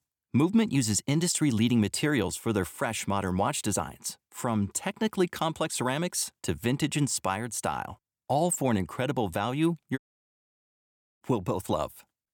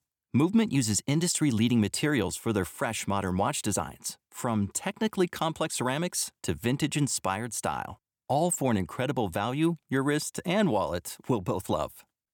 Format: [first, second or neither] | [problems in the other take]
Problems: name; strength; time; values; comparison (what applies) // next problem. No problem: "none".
second | audio cutting out; at 10 s for 1 s